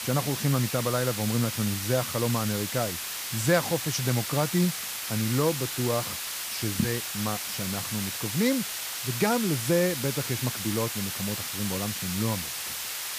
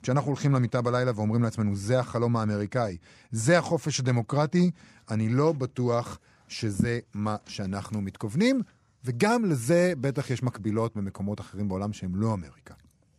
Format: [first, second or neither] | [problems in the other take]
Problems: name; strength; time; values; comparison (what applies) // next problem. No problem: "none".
second | hiss; loud; throughout; 2 dB below the speech